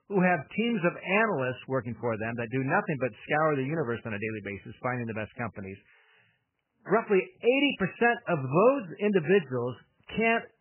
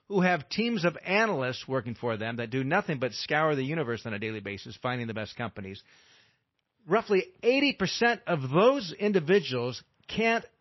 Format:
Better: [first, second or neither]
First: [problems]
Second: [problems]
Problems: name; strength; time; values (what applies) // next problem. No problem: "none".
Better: second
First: garbled, watery; badly; nothing above 3 kHz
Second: garbled, watery; slightly; nothing above 5.5 kHz